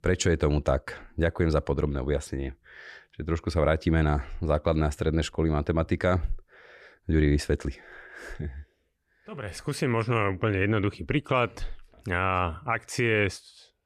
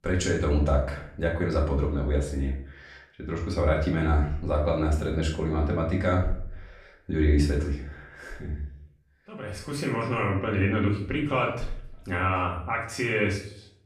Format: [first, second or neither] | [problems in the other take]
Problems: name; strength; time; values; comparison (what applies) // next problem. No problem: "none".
first | room echo; noticeable; dies away in 0.5 s // off-mic speech; far